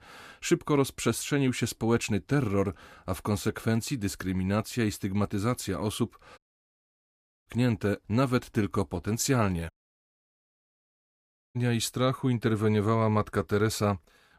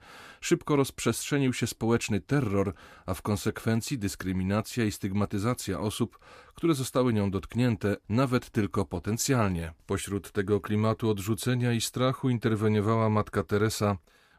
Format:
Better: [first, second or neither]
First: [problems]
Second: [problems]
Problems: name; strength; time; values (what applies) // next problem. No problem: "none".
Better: second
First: audio cutting out; at 6.5 s for 1 s and at 9.5 s for 2 s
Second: none